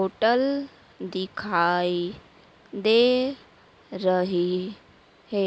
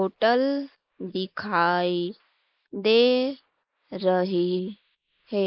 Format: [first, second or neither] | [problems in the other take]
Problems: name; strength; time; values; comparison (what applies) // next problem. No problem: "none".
first | noise reduction (neural mask model Resemble Enhance denoiser)